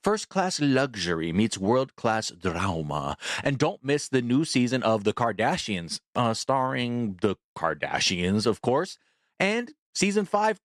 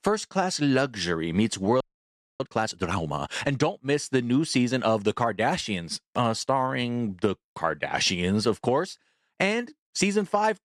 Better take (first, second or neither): first